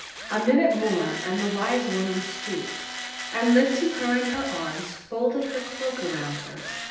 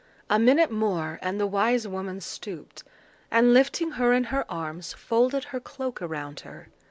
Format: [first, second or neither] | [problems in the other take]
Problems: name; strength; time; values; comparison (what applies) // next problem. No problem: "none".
second | background sound (Tools); 9 dB below the speech // room echo; dies away in 0.9 s